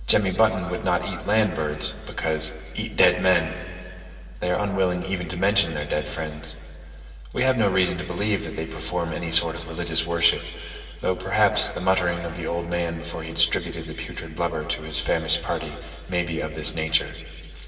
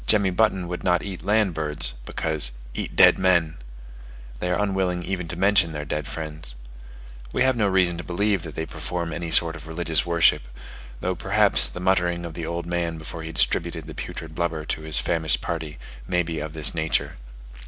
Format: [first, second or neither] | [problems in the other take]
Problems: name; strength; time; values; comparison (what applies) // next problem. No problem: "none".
second | room echo; dies away in 2.3 s